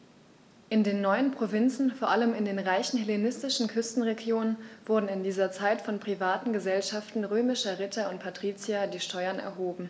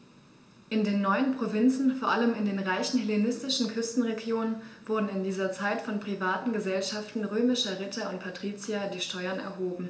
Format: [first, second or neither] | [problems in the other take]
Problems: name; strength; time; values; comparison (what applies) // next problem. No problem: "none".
first | room echo; dies away in 0.5 s